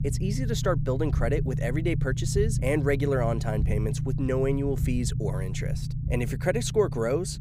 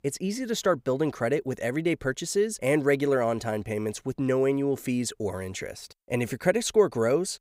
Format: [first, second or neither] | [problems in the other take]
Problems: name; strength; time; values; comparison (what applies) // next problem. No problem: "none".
second | low rumble; noticeable; throughout; 10 dB below the speech